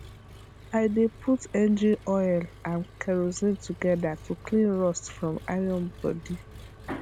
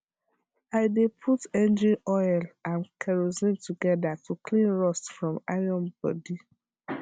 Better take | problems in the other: second | background sound (Engine); 19 dB below the speech

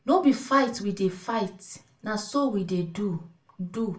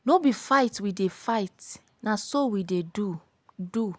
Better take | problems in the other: second | room echo; dies away in 0.3 s

